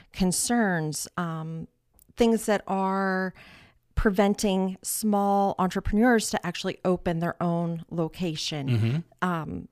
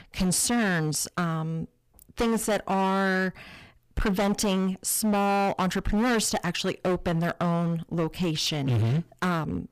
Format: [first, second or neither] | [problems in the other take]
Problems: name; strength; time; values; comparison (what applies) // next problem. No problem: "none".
first | distortion; heavy; 20% of the sound clipped